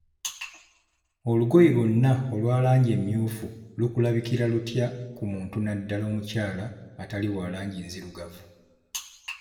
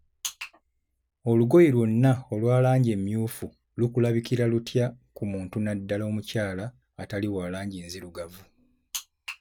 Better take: second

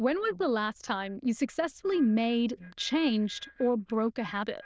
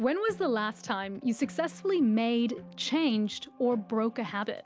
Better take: second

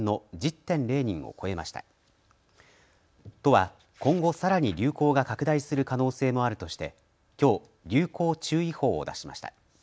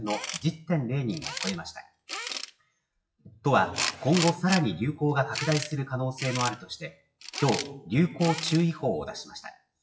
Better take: first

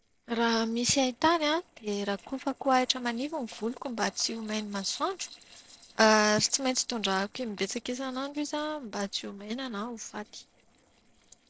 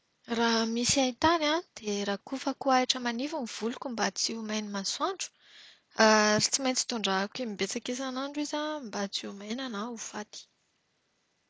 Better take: second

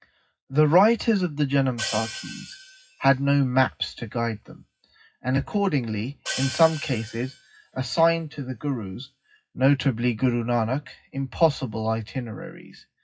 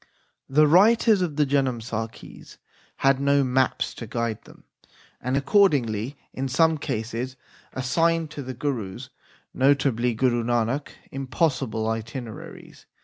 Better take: second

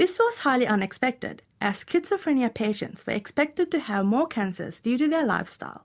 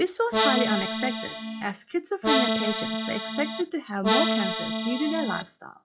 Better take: first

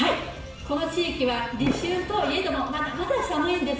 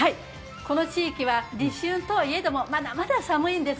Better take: second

